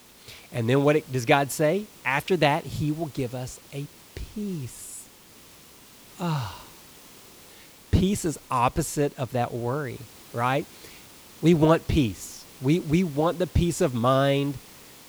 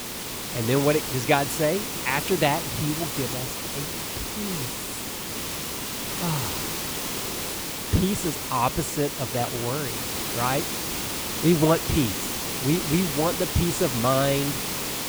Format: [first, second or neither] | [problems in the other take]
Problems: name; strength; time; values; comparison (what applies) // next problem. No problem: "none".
first | hiss; loud; throughout; 2 dB below the speech; faint in the first